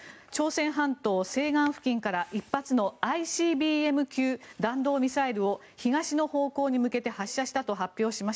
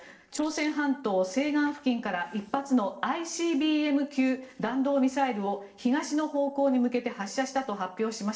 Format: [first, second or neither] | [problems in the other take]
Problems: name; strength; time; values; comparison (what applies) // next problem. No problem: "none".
first | noise reduction (neural separator model SepFormer DNS4)